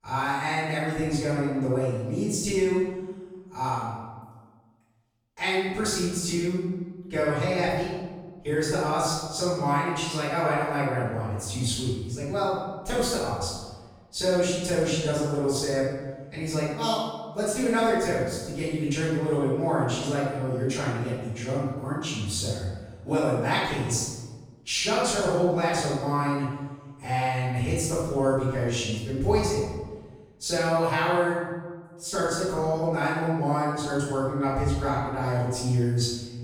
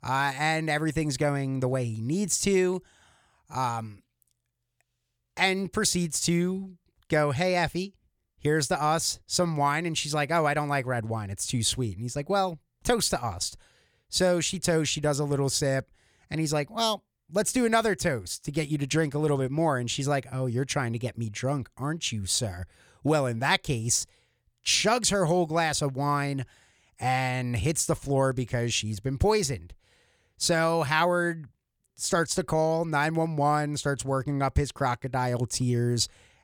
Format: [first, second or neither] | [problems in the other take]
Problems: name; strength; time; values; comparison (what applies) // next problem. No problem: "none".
second | off-mic speech; far // room echo; strong; dies away in 1.2 s